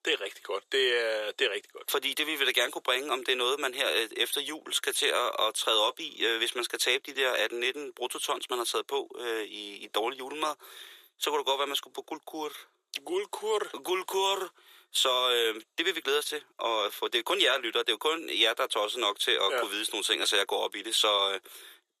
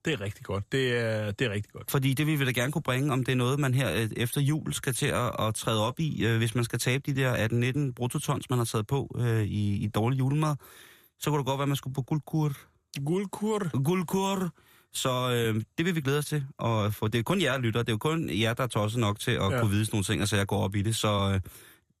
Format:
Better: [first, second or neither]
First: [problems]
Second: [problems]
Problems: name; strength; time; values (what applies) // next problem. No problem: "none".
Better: second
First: thin; very; fading below 400 Hz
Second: none